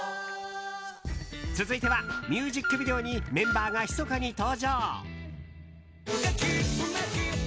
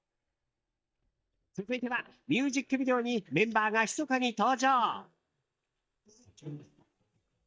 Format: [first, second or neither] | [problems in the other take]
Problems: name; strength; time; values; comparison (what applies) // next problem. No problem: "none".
first | noise reduction (neural mask model DeepFilterNet 3)